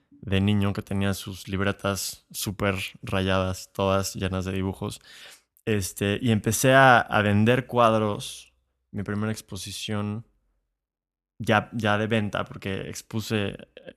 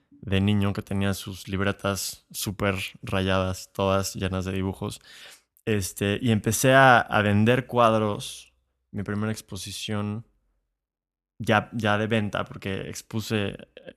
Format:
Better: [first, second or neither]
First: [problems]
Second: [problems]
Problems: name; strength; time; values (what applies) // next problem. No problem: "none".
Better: neither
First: none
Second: none